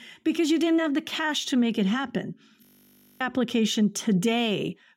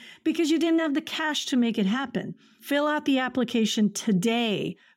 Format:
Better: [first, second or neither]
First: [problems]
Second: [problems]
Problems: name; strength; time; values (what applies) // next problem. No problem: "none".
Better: second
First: audio freezing; at 2.5 s for 0.5 s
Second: none